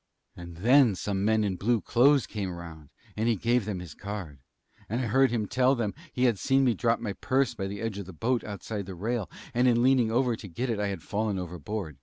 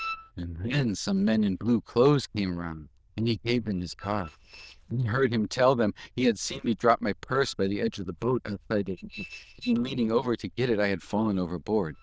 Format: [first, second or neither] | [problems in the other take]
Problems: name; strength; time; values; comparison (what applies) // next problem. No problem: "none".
first | noise reduction (neural diffusion model UNIVERSE++)